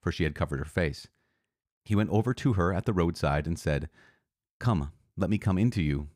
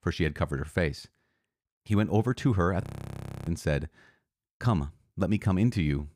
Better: first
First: none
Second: audio freezing; at 3 s for 0.5 s

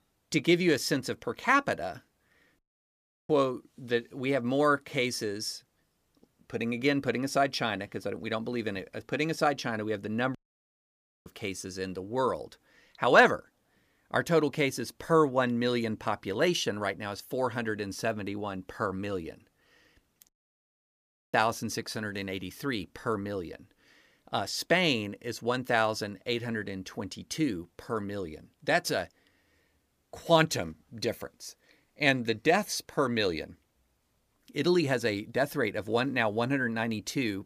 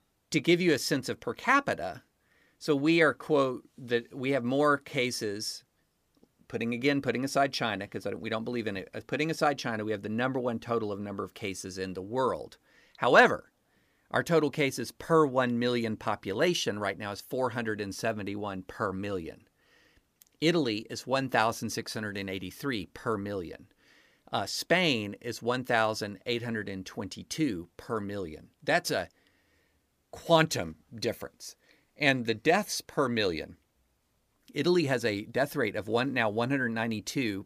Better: second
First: audio cutting out; at 2.5 s for 0.5 s, at 10 s for 1 s and at 20 s for 1 s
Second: none

